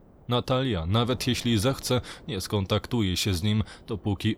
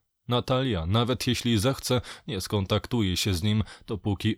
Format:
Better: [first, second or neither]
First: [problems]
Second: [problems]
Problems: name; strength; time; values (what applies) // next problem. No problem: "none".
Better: second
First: wind noise on the microphone; occasional gusts; 25 dB below the speech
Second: none